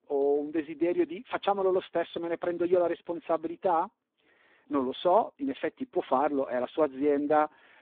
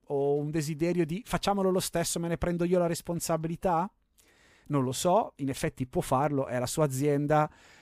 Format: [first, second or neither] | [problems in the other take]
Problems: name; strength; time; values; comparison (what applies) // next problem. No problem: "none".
second | phone-call audio; poor line